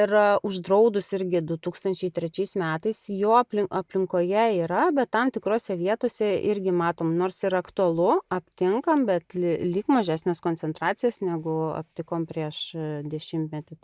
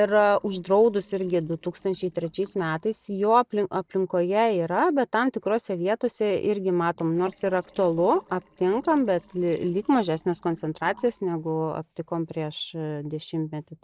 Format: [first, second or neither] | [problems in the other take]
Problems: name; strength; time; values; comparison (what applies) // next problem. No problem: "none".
first | noise reduction (neural separator model SepFormer DNS4)